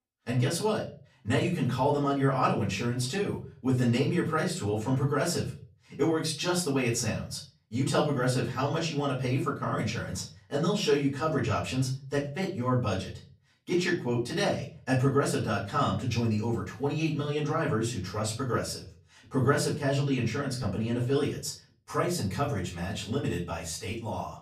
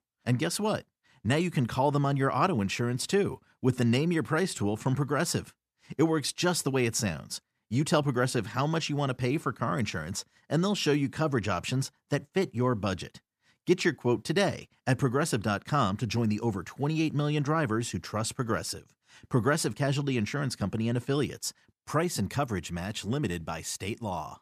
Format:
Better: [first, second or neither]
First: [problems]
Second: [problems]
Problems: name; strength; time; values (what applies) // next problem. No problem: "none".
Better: second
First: off-mic speech; far // room echo; slight; dies away in 0.3 s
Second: none